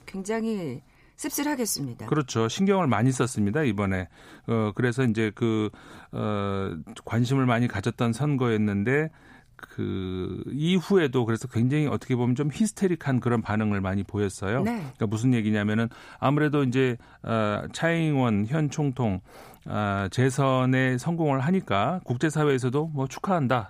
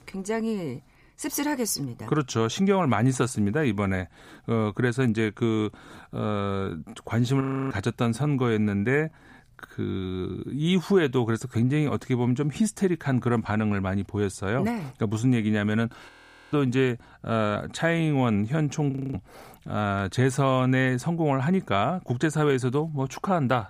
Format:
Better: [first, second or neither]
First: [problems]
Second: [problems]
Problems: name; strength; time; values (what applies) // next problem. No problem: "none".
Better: first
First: none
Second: audio freezing; at 7.5 s, at 16 s and at 19 s